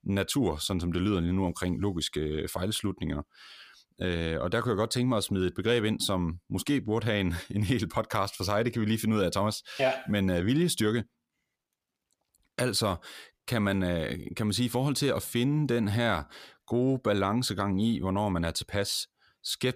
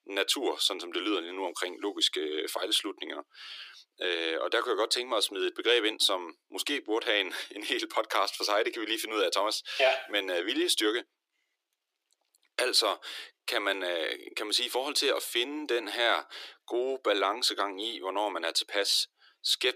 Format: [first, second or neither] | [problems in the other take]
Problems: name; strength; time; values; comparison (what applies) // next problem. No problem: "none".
first | thin; very; fading below 300 Hz